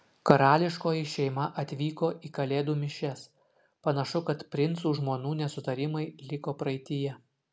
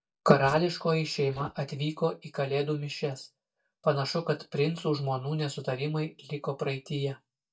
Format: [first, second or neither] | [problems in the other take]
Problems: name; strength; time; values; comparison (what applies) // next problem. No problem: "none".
first | noise reduction (neural mask model DeepFilterNet 3)